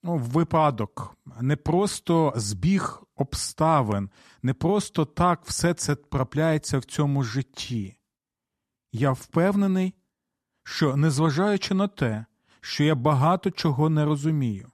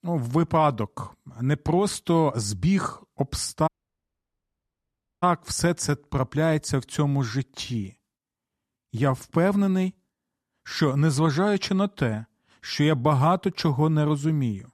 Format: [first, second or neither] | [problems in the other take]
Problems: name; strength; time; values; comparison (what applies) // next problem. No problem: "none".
first | audio cutting out; at 3.5 s for 1.5 s